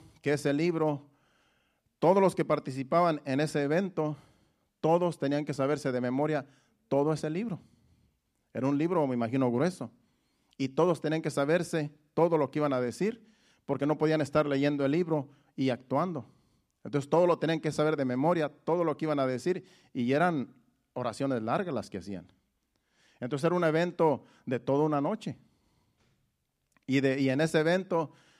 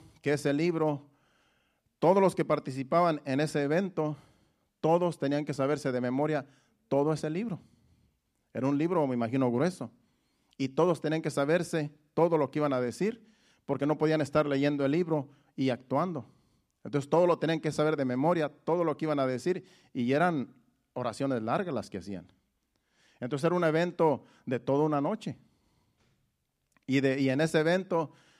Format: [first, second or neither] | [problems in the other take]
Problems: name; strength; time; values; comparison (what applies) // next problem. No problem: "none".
neither | none